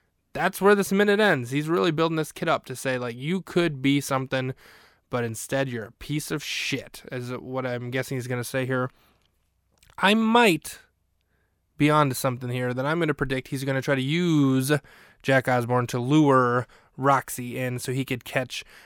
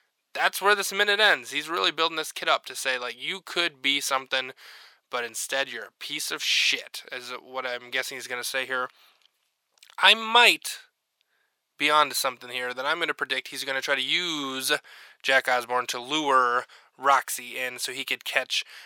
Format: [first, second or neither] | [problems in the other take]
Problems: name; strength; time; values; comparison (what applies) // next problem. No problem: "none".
first | thin; very; fading below 700 Hz